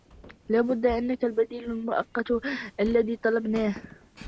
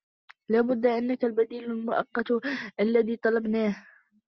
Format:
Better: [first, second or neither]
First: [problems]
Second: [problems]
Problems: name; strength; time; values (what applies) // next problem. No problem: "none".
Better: second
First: background sound (Walk, footsteps); 19 dB below the speech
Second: none